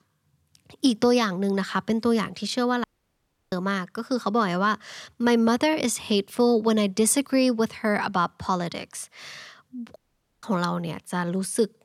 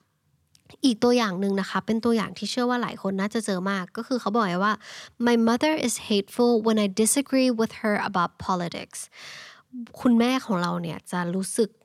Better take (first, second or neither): second